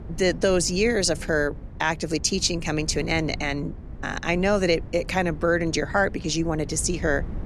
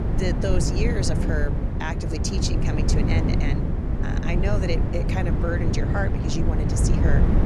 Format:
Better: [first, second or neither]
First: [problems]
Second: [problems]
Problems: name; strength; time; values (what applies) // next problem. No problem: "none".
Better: first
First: wind noise on the microphone; occasional gusts; 25 dB below the speech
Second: wind noise on the microphone; heavy; 2 dB below the speech